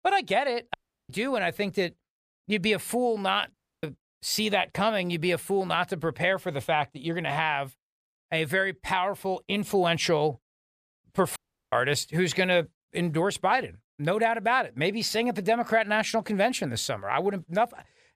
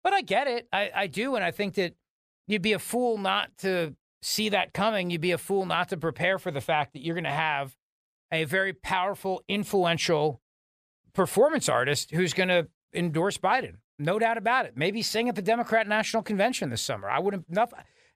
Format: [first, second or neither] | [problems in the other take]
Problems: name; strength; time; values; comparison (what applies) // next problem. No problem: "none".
second | audio cutting out; at 0.5 s, at 3.5 s and at 11 s